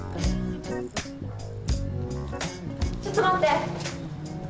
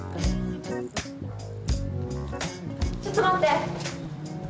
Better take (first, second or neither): second